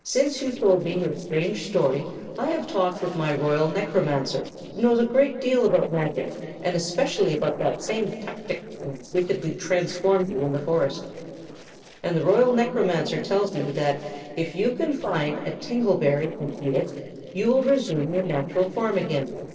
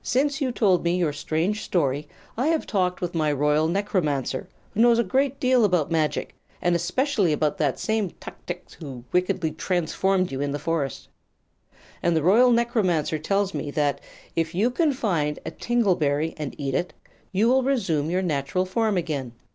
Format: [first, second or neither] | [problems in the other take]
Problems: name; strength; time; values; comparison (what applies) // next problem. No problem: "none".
second | noise reduction (neural separator model SepFormer DNS4)